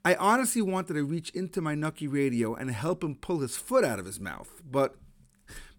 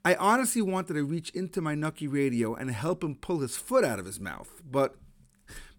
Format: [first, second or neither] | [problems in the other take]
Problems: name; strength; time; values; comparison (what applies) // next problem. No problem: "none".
neither | none